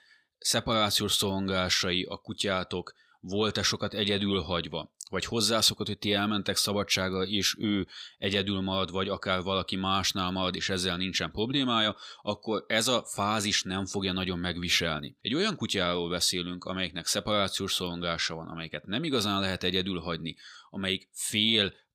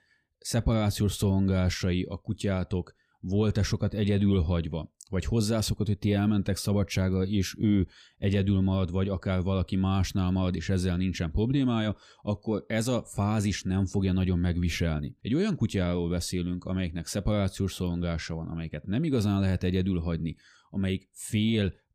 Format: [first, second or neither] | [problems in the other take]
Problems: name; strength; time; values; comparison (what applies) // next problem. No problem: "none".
second | thin; somewhat; fading below 700 Hz